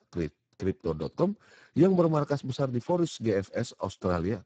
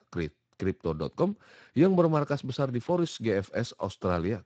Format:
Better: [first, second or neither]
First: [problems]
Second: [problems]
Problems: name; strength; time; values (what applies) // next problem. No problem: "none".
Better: second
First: garbled, watery; badly; nothing above 7.5 kHz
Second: garbled, watery; slightly; nothing above 7.5 kHz